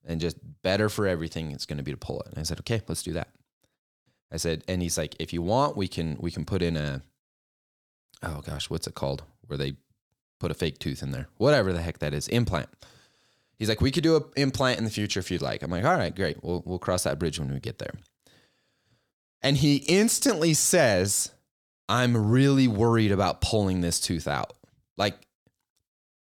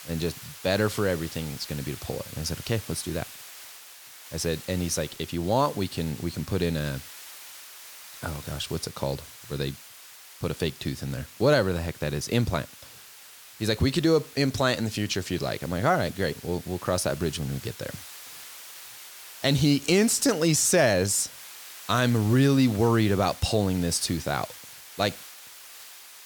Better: first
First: none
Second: hiss; noticeable; throughout; 15 dB below the speech

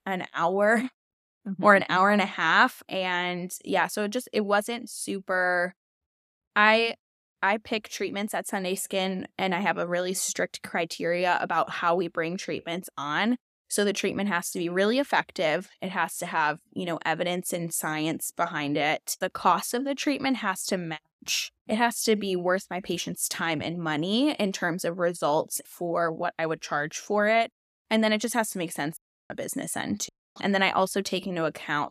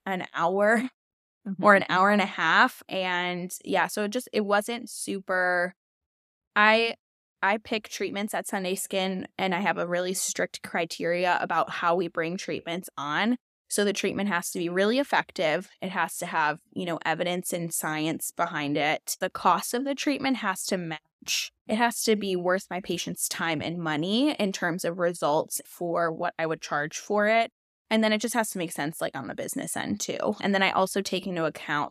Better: second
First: audio cutting out; at 29 s and at 30 s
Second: none

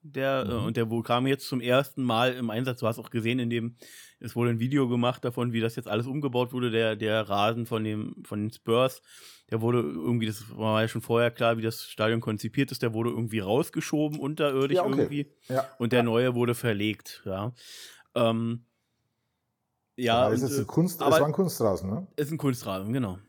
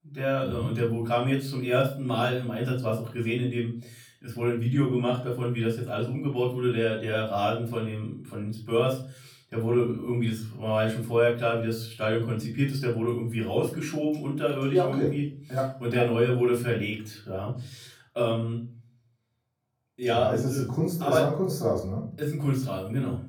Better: first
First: none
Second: off-mic speech; far // room echo; slight; dies away in 0.4 s

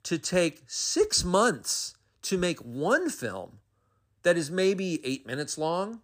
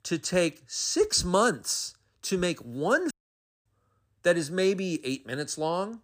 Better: first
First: none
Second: audio cutting out; at 3 s for 0.5 s

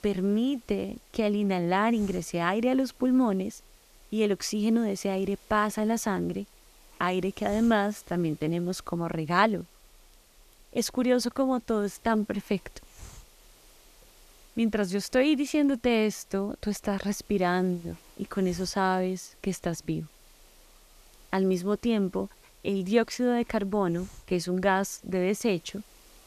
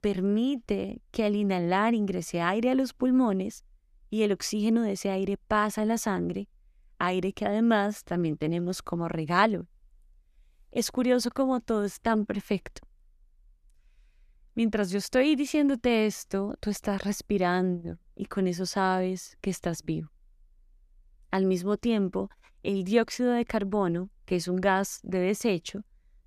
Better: second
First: hiss; faint; throughout; 25 dB below the speech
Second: none

